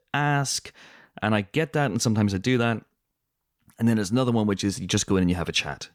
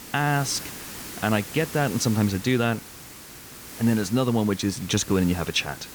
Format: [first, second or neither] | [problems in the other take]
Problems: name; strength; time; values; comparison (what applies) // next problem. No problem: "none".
first | hiss; noticeable; throughout; 15 dB below the speech